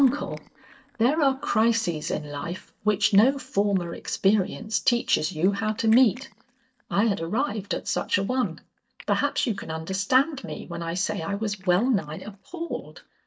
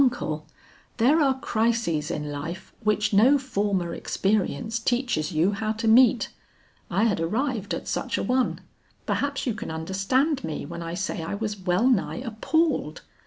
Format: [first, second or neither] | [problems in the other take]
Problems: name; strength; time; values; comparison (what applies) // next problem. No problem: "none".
second | noise reduction (neural mask model DeepFilterNet 3)